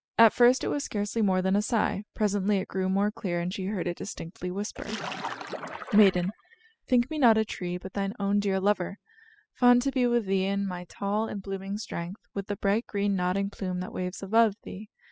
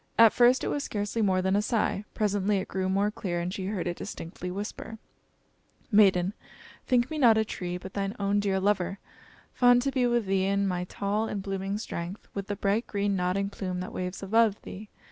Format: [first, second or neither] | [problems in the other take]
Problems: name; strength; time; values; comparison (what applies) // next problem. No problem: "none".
second | noise reduction (classical method spectral subtraction)